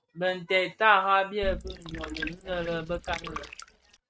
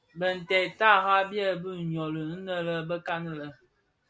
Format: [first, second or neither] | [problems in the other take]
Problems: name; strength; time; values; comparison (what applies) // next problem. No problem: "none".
second | noise reduction (neural mask model RNNoise)